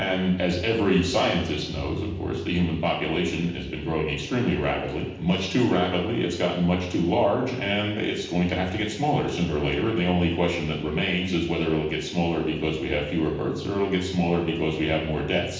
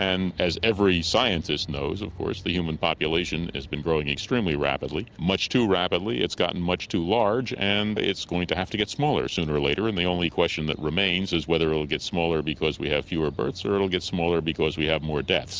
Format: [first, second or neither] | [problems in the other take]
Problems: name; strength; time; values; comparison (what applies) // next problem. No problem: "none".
second | room echo; dies away in 0.9 s